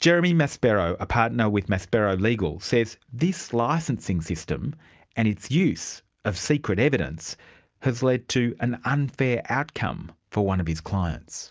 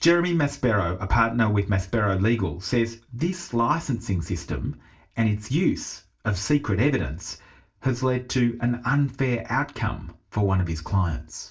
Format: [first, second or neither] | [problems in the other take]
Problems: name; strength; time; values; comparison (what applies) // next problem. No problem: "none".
first | room echo; dies away in 0.2 s